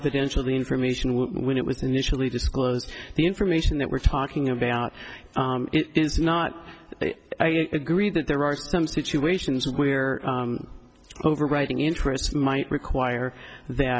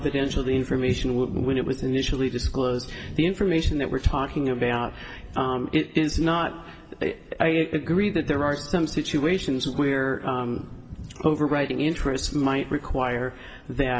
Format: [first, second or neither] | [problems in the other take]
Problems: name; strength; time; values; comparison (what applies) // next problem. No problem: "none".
first | background sound (Thunder / Wind); 16 dB below the speech // room echo; dies away in 2.8 s